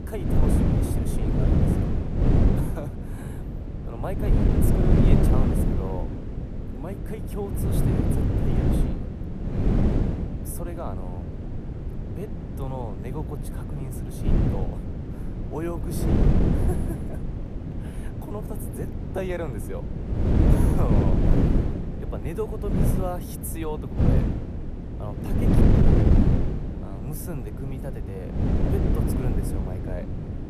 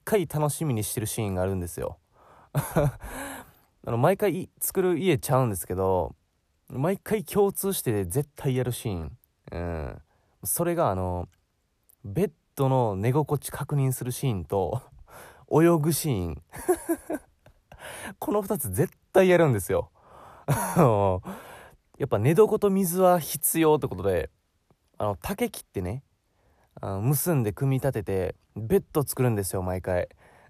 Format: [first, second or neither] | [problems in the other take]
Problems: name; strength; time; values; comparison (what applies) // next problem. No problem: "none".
second | wind noise on the microphone; heavy; 4 dB above the speech